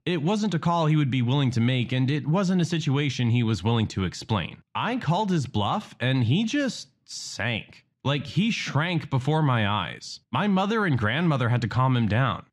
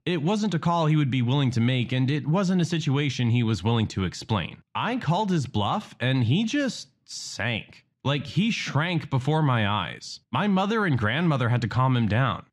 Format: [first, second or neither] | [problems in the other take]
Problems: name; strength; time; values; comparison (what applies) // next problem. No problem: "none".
neither | muffled; slightly; fading above 3 kHz; the same in both